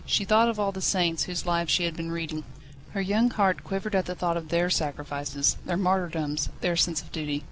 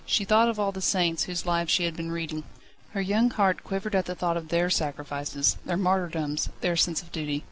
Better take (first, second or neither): second